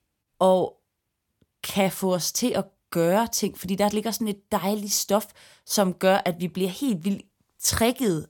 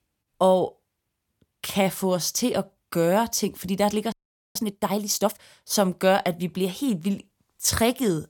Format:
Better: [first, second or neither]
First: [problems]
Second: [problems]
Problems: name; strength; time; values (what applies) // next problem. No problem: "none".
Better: first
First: none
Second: audio freezing; at 4 s